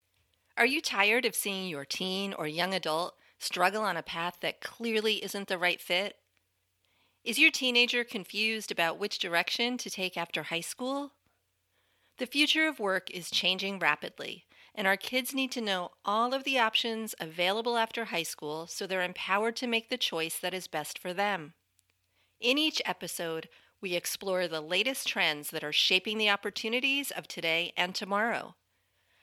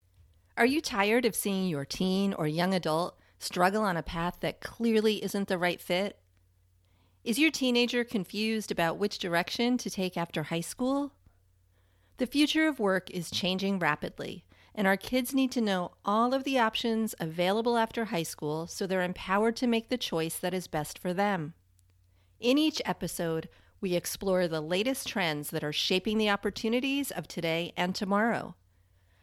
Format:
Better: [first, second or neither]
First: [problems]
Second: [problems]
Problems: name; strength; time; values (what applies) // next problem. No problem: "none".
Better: second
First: thin; very slightly; fading below 550 Hz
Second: none